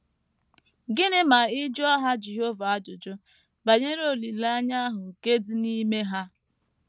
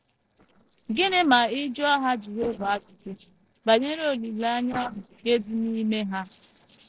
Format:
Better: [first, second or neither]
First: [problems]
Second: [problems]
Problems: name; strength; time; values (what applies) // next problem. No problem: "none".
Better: first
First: none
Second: noise reduction (neural separator model SepFormer DNS4)